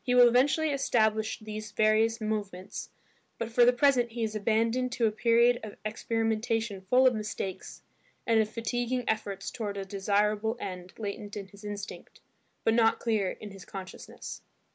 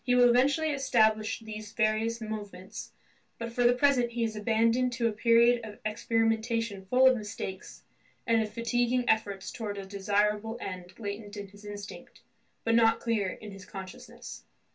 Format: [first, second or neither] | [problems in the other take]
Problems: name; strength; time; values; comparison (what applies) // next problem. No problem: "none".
first | room echo; dies away in 0.1 s